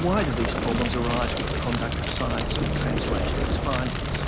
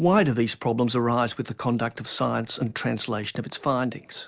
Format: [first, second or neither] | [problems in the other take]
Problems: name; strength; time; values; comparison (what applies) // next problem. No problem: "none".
second | background sound (Fire); 3 dB above the speech